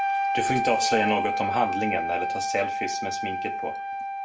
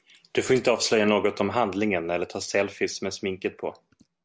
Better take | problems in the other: second | background sound (Wind instrument, woodwind instrument); 1 dB above the speech // room echo; dies away in 0.3 s

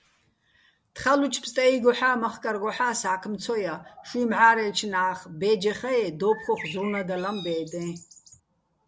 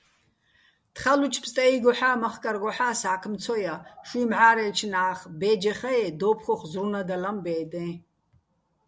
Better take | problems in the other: second | background sound (Bird); 16 dB below the speech

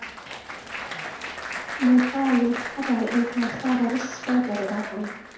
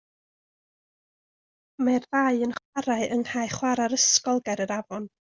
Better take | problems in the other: second | background sound (Applause); 9 dB below the speech // room echo; dies away in 2.3 s

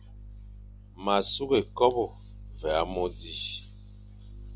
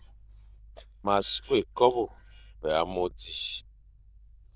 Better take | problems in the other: first | noise reduction (neural diffusion model UNIVERSE++)

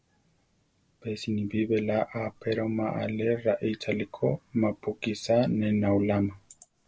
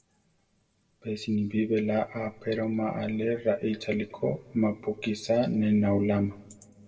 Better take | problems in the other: first | room echo; dies away in 1 s

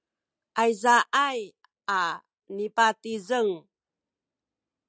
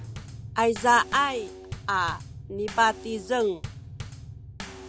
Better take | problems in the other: first | background sound (Bass drum / Snare drum / Drum kit); 13 dB below the speech

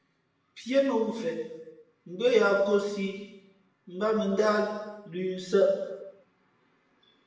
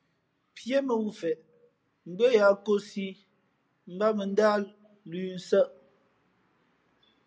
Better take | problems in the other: second | room echo; dies away in 1.1 s

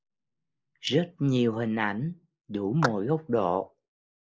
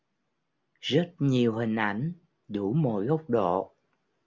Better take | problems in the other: second | noise reduction (neural mask model Resemble Enhance denoiser)

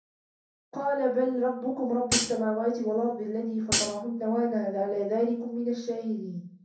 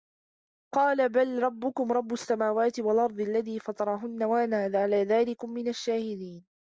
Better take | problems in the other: second | background sound (Hi-hat); 1 dB above the speech // room echo; dies away in 0.5 s

